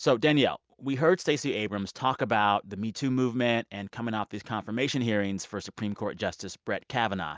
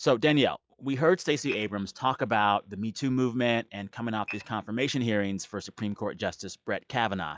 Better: first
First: none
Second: noise reduction (classical method log-MMSE)

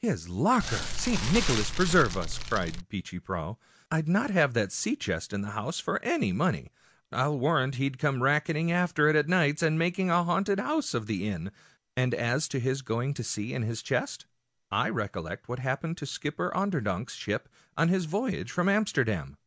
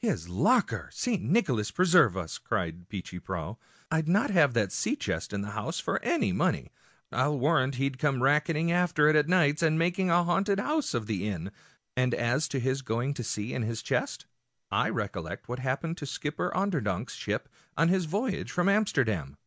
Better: second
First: background sound (Fire); 2 dB below the speech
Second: none

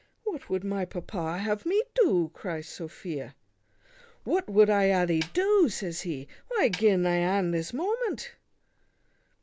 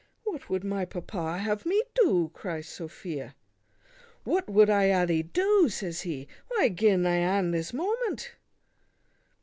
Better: second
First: background sound (Snare drum); 15 dB below the speech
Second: none

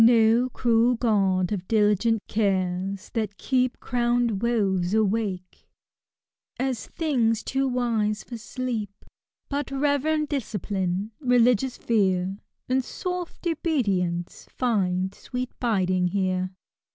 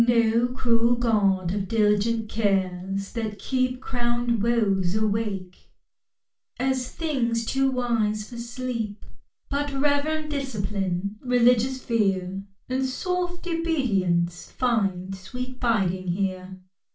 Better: first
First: none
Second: room echo; dies away in 0.3 s

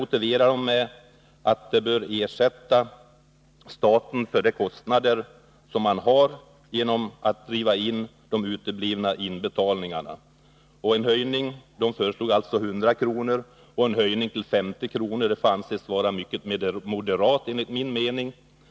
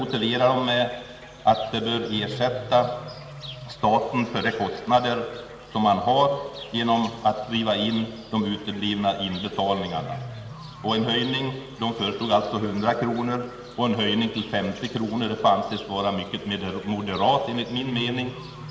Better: first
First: none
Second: background sound (Bird / Fowl); 17 dB below the speech // room echo; dies away in 2.2 s

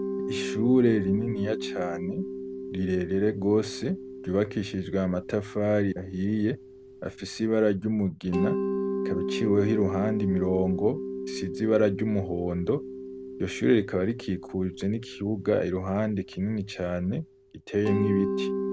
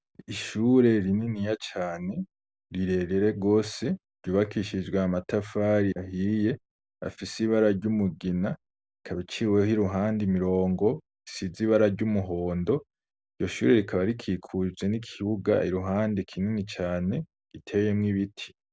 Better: second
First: background sound (Mallet percussion); 7 dB below the speech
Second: none

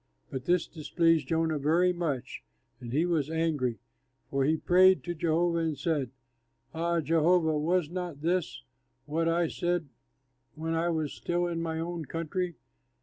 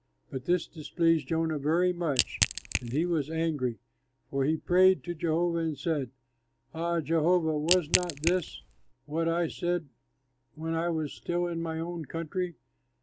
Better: first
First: none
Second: background sound (Crack / Crushing); 3 dB below the speech

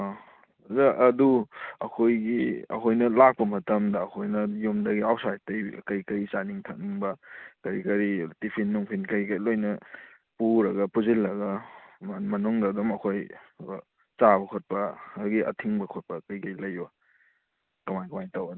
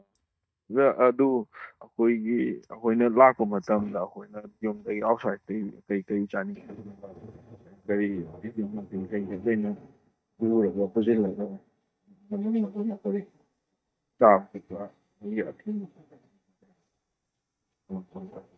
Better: first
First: none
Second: noise reduction (neural mask model DeepFilterNet 3)

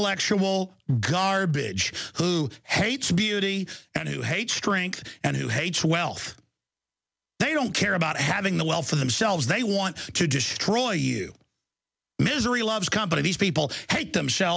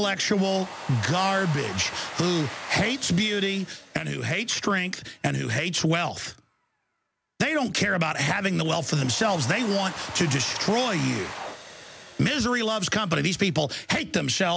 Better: first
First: none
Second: background sound (Domestic sounds, home sounds); 15 dB below the speech

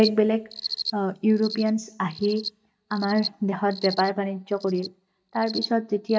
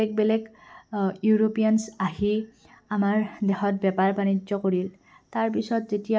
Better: second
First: noise reduction (neural mask model DeepFilterNet 3)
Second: none

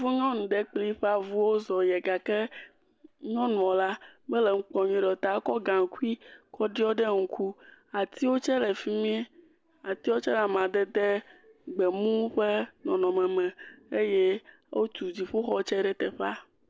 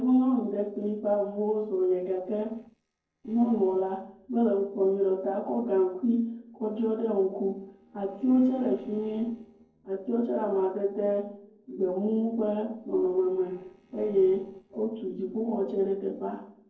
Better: first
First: none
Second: noise reduction (neural separator model SepFormer DNS4)

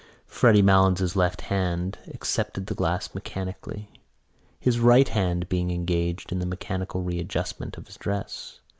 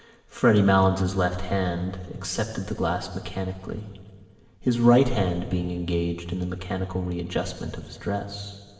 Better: first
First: none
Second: room echo; dies away in 1.7 s

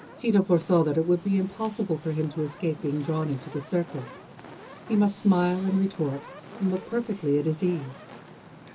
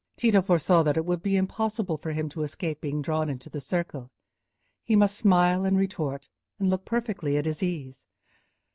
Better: second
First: background sound (Fire); 18 dB below the speech // room echo; dies away in 0.2 s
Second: none

